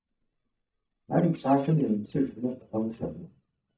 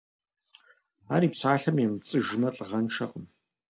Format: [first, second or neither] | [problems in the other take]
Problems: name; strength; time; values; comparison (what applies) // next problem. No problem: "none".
second | noise reduction (neural mask model DeepFilterNet 3)